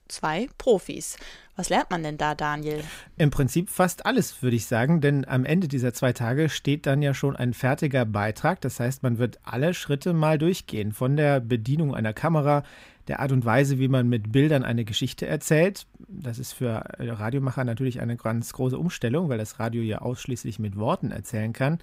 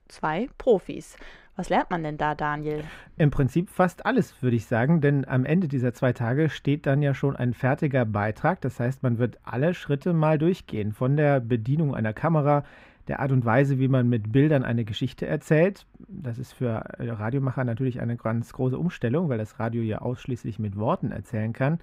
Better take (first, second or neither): first